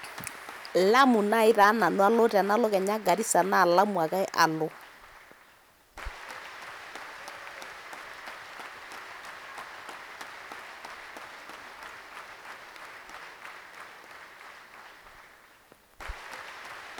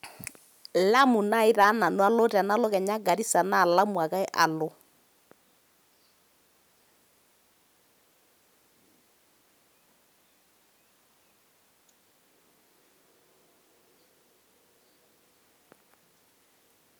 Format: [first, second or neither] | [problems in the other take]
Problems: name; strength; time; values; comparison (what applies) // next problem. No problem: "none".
second | background sound (Applause); 15 dB below the speech